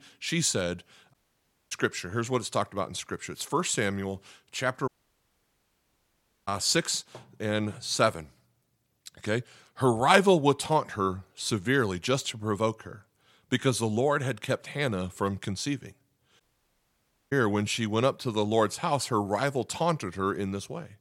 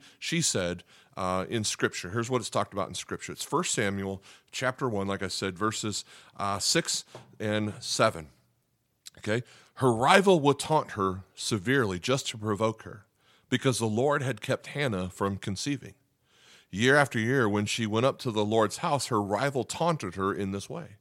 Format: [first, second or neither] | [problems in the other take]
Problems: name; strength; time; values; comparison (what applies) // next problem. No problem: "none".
second | audio cutting out; at 1 s for 0.5 s, at 5 s for 1.5 s and at 16 s for 1 s